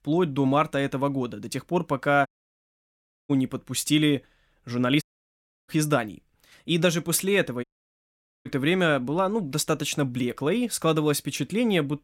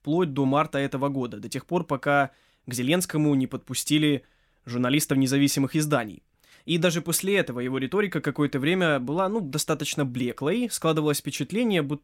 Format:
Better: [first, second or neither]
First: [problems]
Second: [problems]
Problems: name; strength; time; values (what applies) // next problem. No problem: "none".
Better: second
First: audio cutting out; at 2.5 s for 1 s, at 5 s for 0.5 s and at 7.5 s for 1 s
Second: none